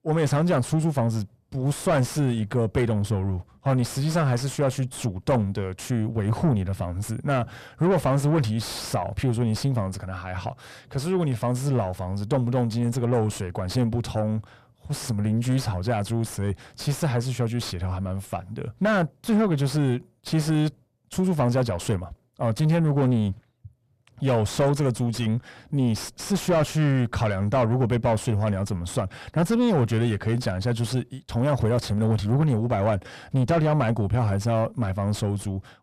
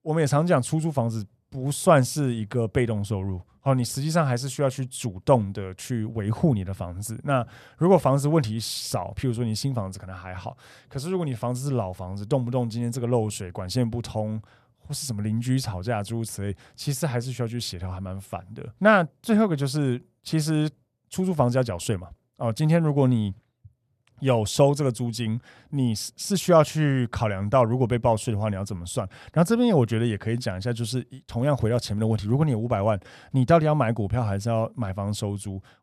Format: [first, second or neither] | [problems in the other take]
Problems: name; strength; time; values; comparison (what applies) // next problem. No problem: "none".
second | distortion; heavy; 7 dB below the speech